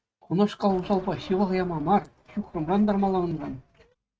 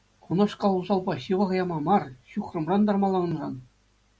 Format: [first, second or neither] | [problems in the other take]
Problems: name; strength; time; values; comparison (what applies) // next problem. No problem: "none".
second | noise reduction (neural mask model RNNoise)